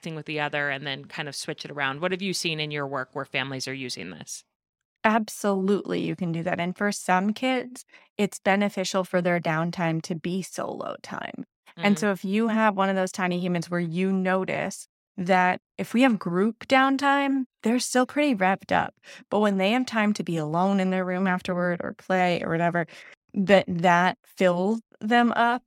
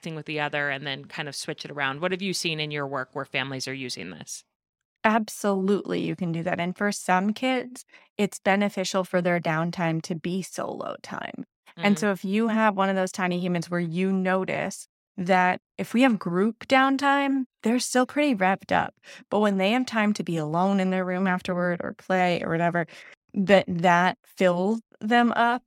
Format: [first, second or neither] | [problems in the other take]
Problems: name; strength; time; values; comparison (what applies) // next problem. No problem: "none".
neither | none